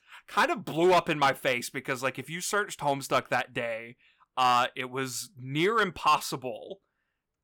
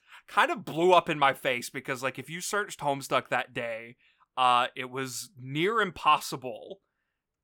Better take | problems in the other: second | distortion; slight; 2% of the sound clipped

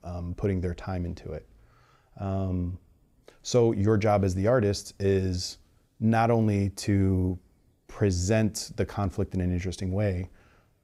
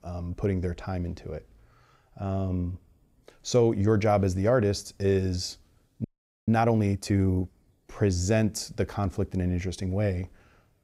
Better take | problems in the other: first | audio freezing; at 6 s

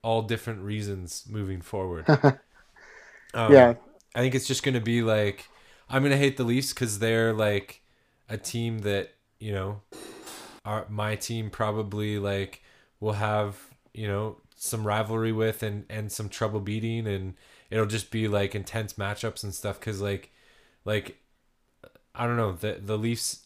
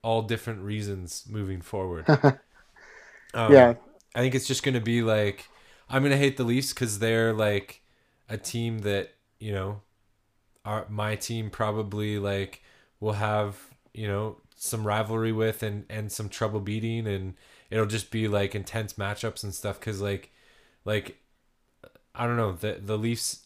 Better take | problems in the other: second | clattering dishes; faint; at 10 s; peak 15 dB below the speech

